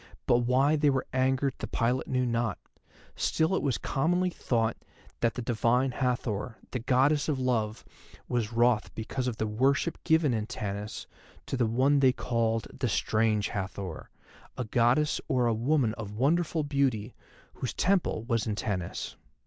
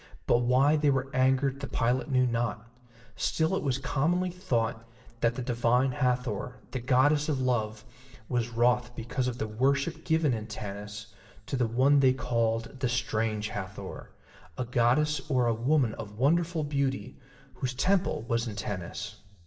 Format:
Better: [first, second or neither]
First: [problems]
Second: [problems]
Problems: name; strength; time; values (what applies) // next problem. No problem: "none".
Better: first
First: none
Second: room echo; dies away in 0.7 s